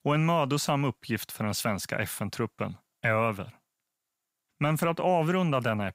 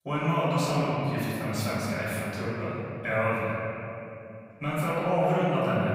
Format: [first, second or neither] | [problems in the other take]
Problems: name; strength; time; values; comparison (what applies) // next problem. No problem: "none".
first | off-mic speech; far // room echo; strong; dies away in 2.8 s